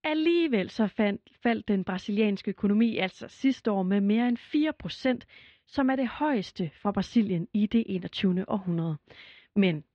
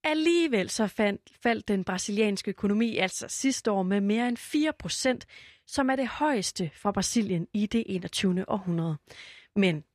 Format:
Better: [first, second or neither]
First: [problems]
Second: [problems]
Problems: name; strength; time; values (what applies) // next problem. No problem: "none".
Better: second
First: muffled; slightly; fading above 3.5 kHz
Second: none